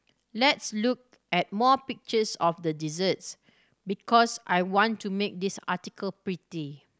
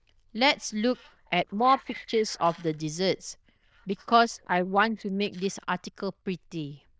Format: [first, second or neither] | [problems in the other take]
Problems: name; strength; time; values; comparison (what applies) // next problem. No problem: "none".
first | noise reduction (neural diffusion model UNIVERSE++)